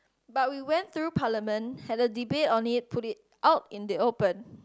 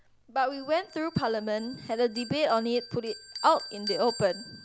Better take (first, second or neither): first